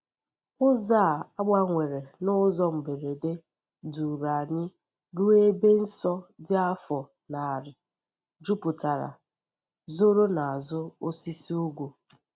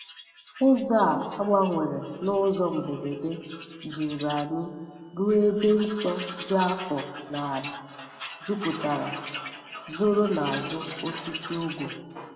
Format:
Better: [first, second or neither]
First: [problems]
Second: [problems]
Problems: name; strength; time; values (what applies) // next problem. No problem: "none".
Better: first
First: none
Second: background sound (Tools); 14 dB below the speech // room echo; dies away in 1.6 s